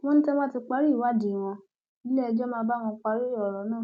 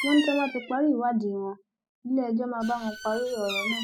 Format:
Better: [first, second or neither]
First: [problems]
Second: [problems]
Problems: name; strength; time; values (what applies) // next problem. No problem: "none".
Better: first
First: none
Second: noise reduction (classical method spectral subtraction)